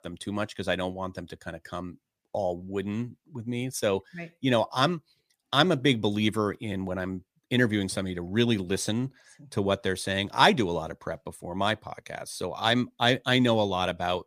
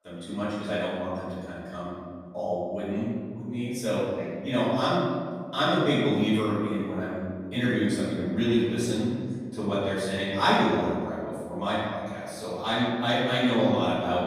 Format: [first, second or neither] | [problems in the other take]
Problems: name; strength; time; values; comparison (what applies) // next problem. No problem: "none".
first | off-mic speech; far // room echo; strong; dies away in 1.9 s